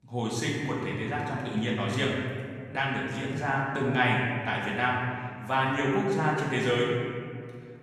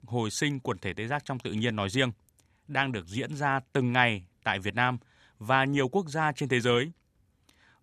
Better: second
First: room echo; noticeable; dies away in 1.9 s // off-mic speech; far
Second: none

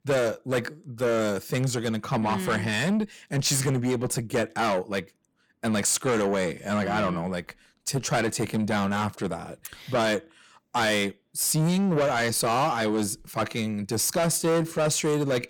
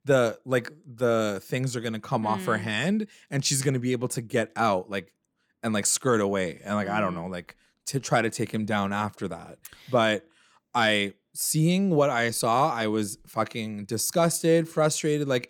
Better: second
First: distortion; heavy; 8 dB below the speech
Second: none

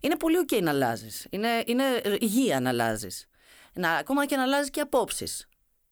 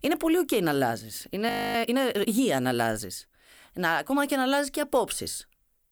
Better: first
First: none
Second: audio freezing; at 1.5 s

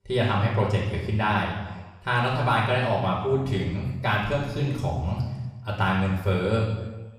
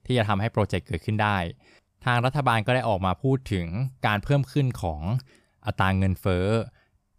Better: second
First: room echo; noticeable; dies away in 1.1 s // off-mic speech; far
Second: none

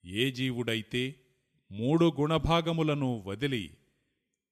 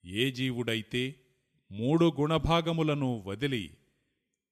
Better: neither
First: none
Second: none

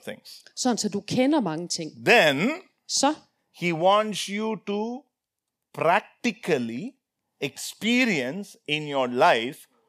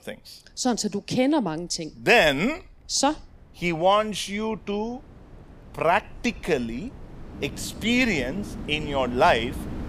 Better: first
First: none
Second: wind in the background; noticeable; throughout; 15 dB below the speech

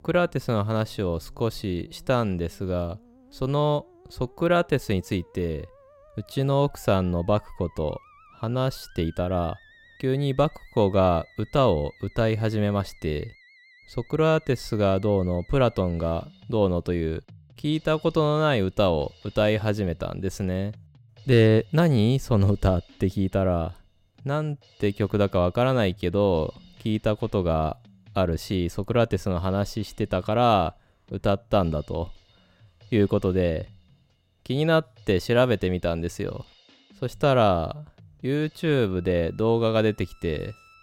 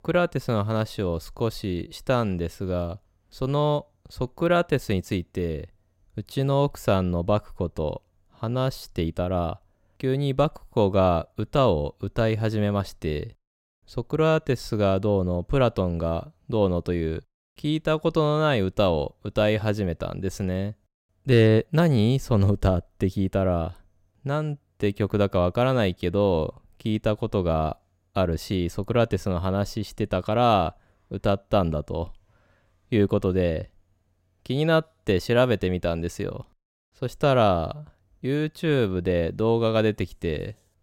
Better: second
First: background music; faint; throughout; 30 dB below the speech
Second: none

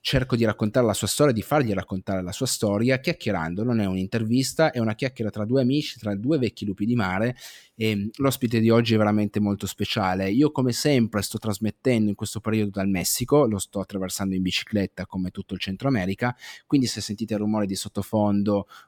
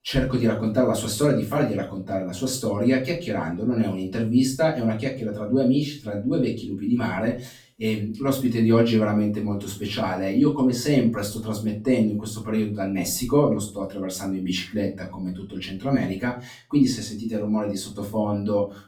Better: first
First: none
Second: room echo; slight; dies away in 0.3 s // off-mic speech; far

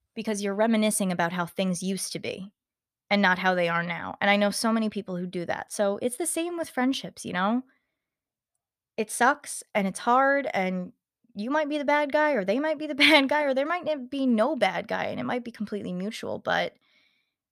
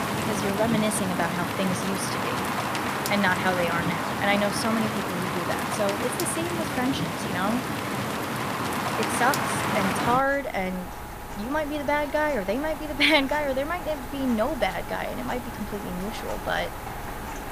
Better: first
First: none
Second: rain or running water; loud; throughout; 2 dB below the speech

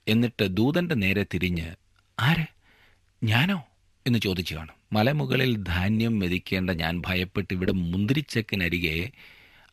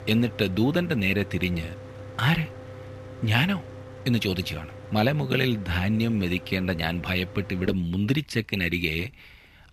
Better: first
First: none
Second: machinery noise; noticeable; throughout; 15 dB below the speech

